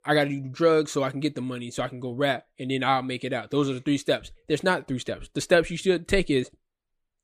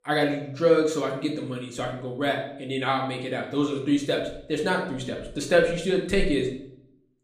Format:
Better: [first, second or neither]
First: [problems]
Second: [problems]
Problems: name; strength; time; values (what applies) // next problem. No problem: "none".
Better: first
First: none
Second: room echo; slight; dies away in 0.5 s // off-mic speech; somewhat distant